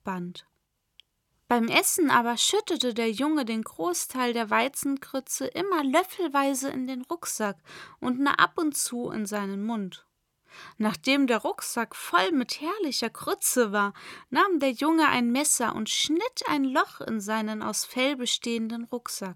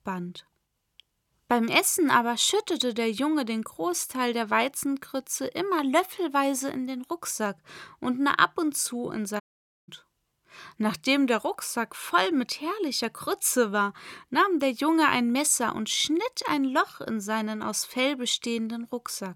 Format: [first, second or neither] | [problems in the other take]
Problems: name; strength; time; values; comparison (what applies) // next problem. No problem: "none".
first | audio cutting out; at 9.5 s